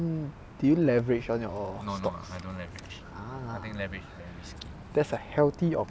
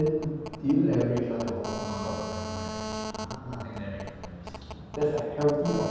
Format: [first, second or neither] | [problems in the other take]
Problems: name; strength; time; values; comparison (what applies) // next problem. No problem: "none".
first | background sound (Telephone); 10 dB below the speech // room echo; dies away in 1.2 s